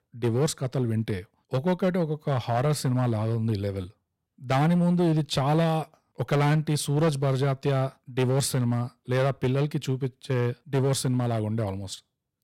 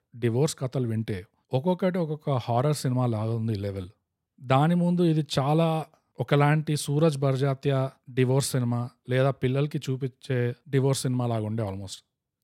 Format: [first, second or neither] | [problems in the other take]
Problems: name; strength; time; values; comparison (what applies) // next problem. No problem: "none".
second | distortion; slight; 7% of the sound clipped